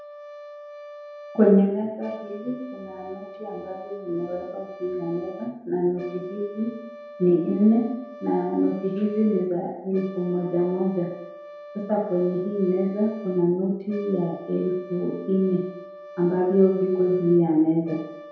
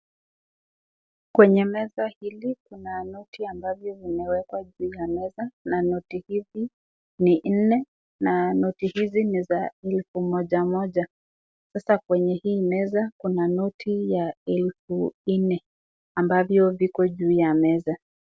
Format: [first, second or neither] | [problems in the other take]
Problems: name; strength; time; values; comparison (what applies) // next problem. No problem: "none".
second | background sound (Brass instrument); 17 dB below the speech // room echo; dies away in 1 s